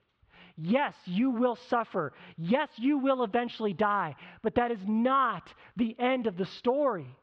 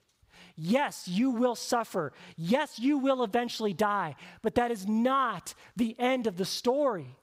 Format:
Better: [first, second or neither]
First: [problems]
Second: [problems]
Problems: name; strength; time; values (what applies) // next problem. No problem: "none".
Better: second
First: muffled; very; fading above 3 kHz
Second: none